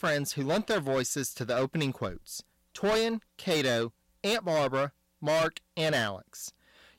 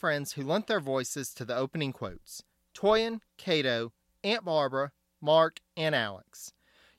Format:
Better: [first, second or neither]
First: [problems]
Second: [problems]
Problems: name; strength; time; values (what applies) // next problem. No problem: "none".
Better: second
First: distortion; heavy; 11% of the sound clipped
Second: none